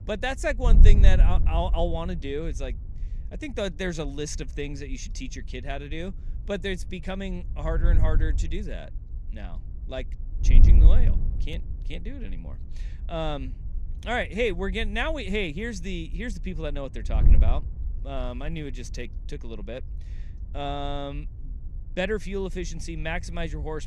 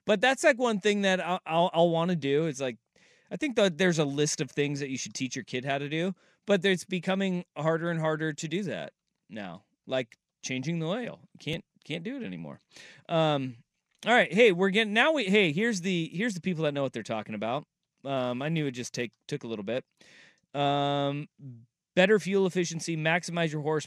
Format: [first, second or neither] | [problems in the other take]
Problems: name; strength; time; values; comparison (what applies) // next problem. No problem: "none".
second | wind noise on the microphone; occasional gusts; 15 dB below the speech